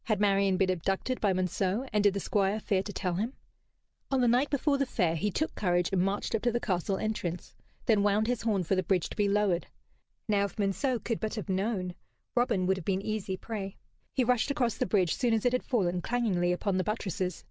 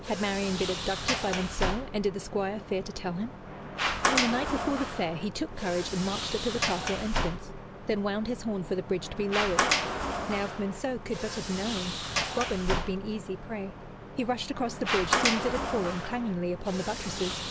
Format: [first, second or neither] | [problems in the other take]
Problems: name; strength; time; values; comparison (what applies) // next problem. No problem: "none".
first | background sound (Sliding door); 1 dB below the speech